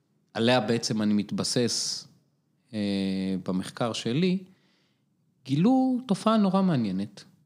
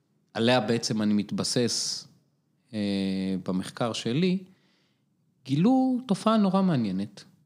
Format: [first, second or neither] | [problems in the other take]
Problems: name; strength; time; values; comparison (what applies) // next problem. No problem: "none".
neither | none